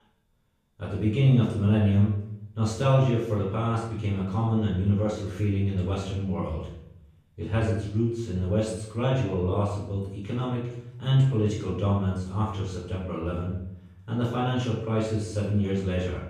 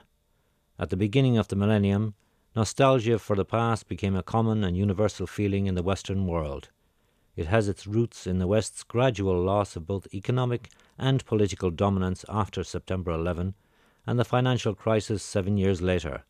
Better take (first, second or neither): second